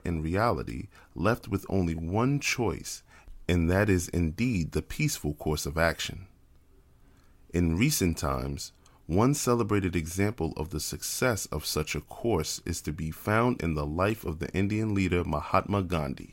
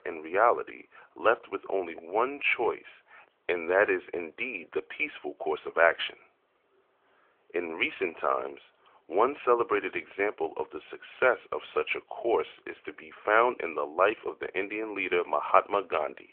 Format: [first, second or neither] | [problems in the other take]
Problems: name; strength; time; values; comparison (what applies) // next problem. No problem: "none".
first | phone-call audio